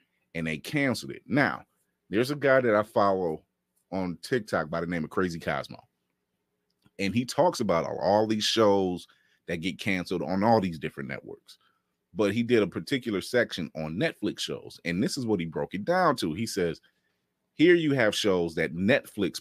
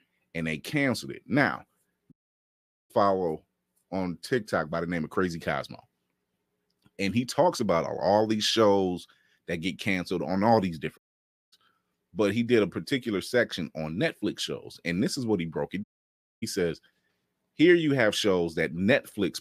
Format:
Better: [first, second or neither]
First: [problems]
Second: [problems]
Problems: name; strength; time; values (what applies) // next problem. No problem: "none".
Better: first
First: none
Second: audio cutting out; at 2 s for 1 s, at 11 s for 0.5 s and at 16 s for 0.5 s